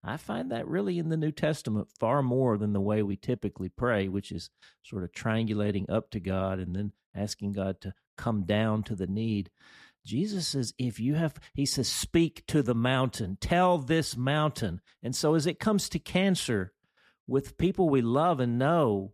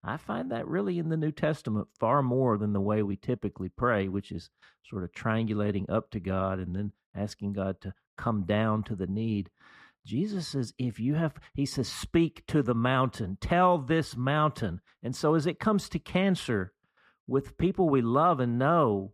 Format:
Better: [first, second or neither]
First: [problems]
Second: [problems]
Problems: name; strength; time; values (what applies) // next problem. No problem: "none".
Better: first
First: none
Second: muffled; slightly; fading above 3.5 kHz